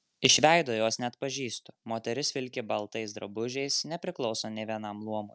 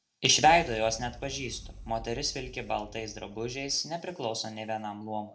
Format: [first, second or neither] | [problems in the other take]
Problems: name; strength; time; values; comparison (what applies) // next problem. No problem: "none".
first | background sound (Boom); 15 dB below the speech // room echo; dies away in 0.4 s